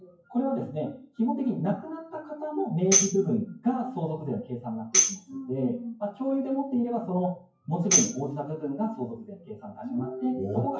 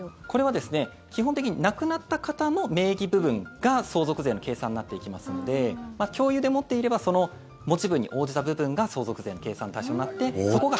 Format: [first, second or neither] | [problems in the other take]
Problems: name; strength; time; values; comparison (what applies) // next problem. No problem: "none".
second | noise reduction (classical method WPE with log-MMSE)